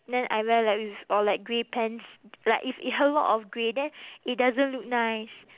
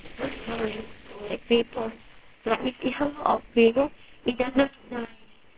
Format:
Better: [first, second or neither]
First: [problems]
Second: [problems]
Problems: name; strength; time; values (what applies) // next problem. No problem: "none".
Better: first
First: none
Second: noise reduction (neural separator model SepFormer WHAMR!)